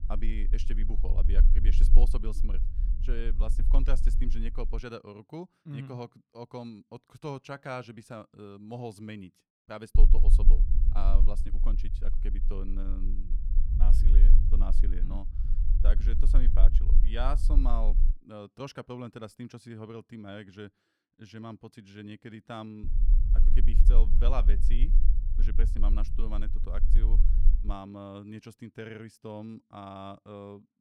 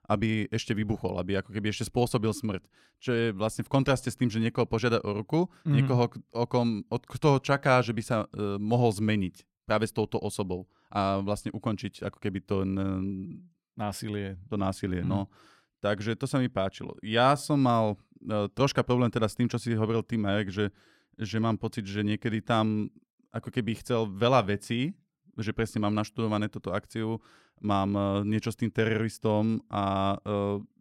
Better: second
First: low rumble; loud; until 5 s, from 10 to 18 s and from 23 to 28 s; 9 dB below the speech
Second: none

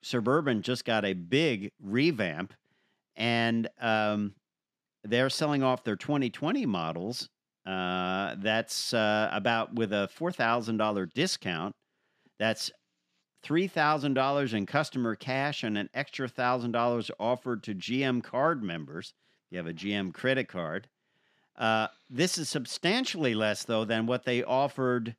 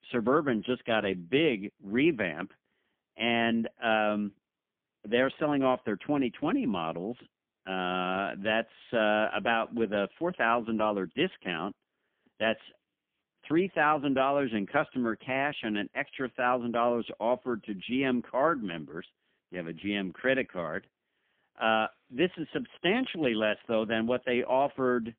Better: first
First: none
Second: phone-call audio; poor line; nothing above 3.5 kHz

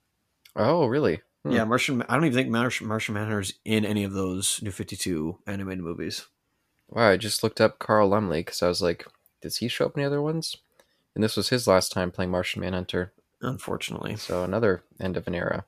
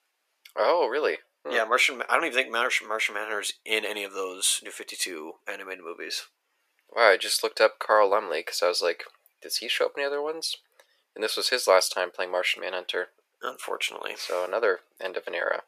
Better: first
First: none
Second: thin; very; fading below 450 Hz

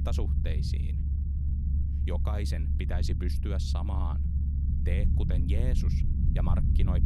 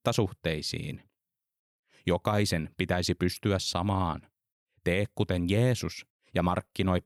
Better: second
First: low rumble; loud; throughout; 3 dB below the speech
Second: none

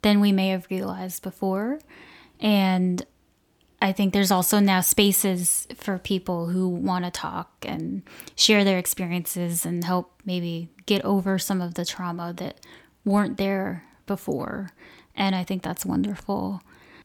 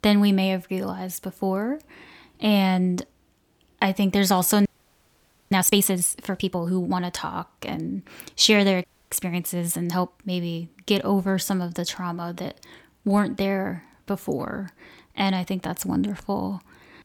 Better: first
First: none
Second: audio freezing; at 4.5 s for 1 s and at 9 s

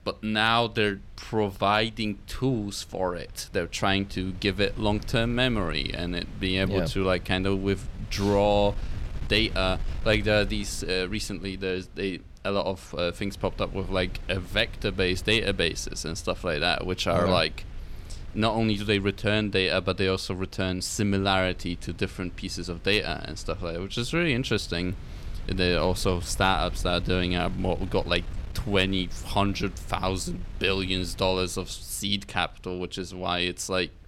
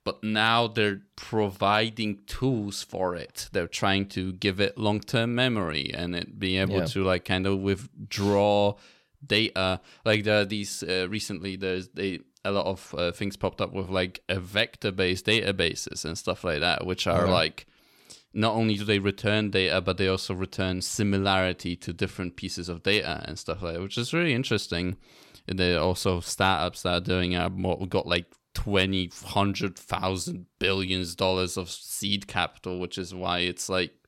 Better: second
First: wind noise on the microphone; occasional gusts; 25 dB below the speech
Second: none

